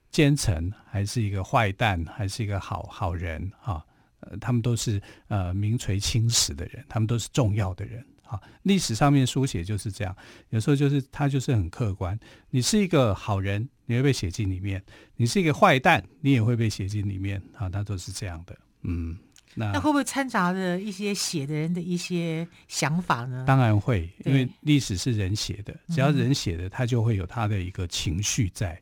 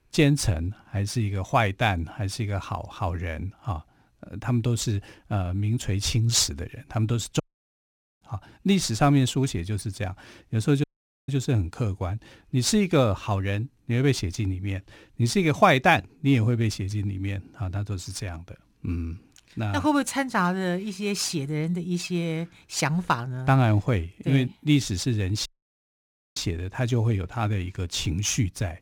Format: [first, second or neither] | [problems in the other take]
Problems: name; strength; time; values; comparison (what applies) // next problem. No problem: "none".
first | audio cutting out; at 7.5 s for 1 s, at 11 s and at 25 s for 1 s